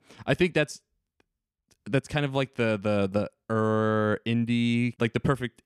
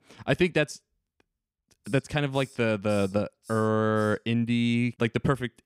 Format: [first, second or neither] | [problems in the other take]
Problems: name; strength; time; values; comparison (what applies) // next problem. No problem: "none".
first | hiss; faint; from 2 to 4.5 s; 25 dB below the speech